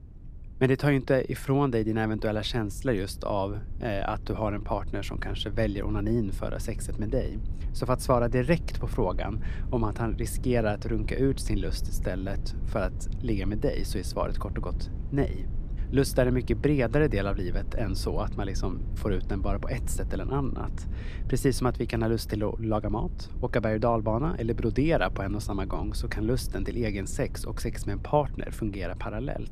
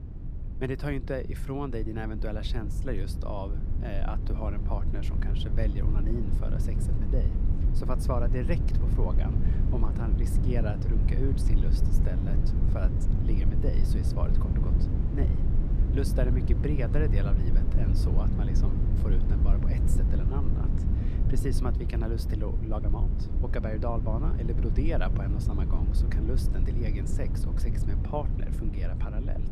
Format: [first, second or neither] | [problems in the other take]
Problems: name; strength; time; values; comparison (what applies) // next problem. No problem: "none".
first | low rumble; loud; throughout; 3 dB below the speech; faint in the first